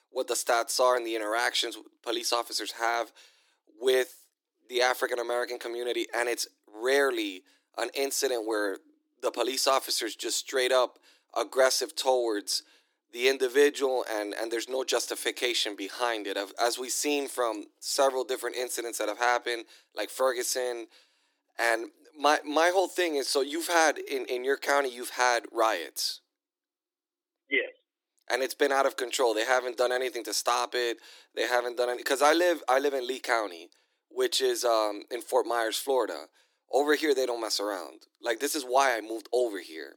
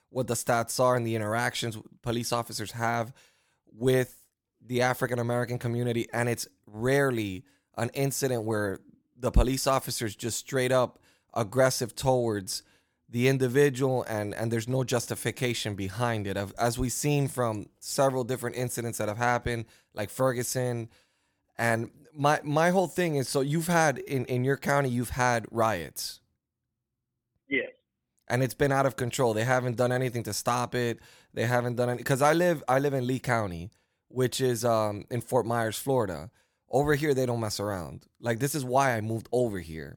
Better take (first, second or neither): second